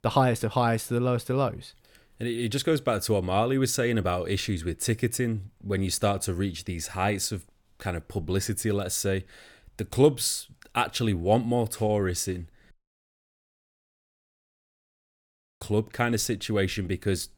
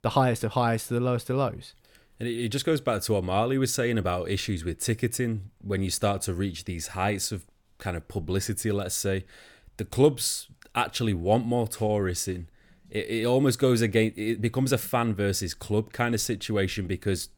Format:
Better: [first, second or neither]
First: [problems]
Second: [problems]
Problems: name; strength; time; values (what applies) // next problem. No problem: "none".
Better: second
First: audio cutting out; at 13 s for 3 s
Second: none